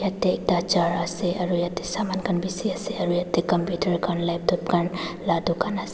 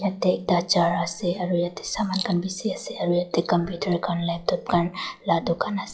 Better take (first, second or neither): first